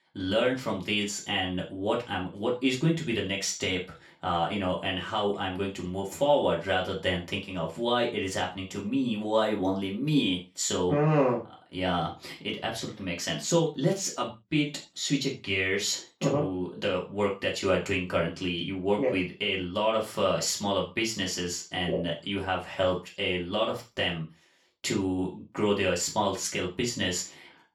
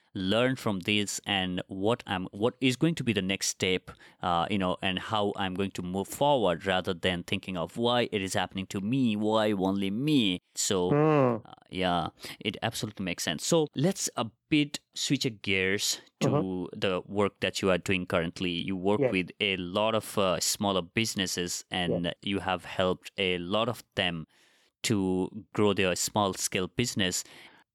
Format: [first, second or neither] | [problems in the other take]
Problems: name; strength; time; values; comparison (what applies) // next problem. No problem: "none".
second | room echo; slight; dies away in 0.3 s // off-mic speech; far